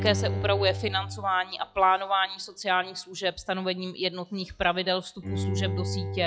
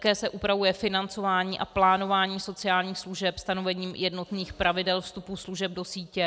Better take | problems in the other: second | noise reduction (classical method log-MMSE)

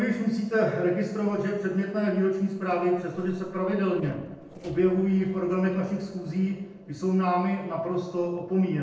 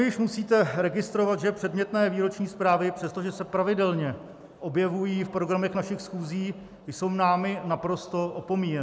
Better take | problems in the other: second | noise reduction (neural separator model SepFormer DNS4)

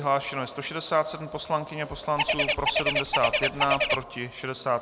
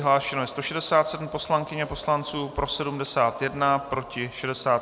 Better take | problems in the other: second | background sound (Bird); 3 dB above the speech

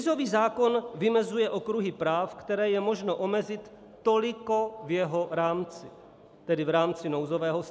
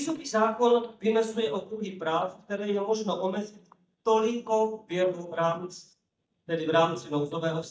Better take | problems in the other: first | noise reduction (neural mask model DeepFilterNet 3)

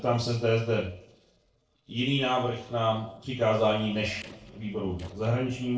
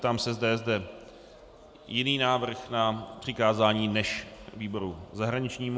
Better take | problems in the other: second | noise reduction (neural separator model SepFormer DNS4)

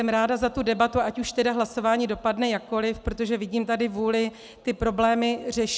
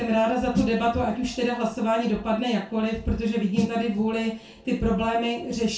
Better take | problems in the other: first | background sound (Snare drum); 11 dB below the speech // room echo; dies away in 0.2 s

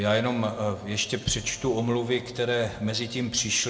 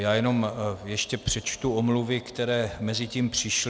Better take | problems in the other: second | room echo; dies away in 1.1 s

